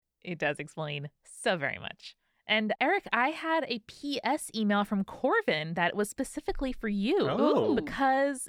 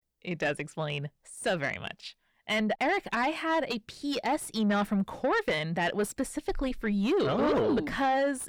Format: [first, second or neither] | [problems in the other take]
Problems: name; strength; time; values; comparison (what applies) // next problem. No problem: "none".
first | distortion; slight; 10 dB below the speech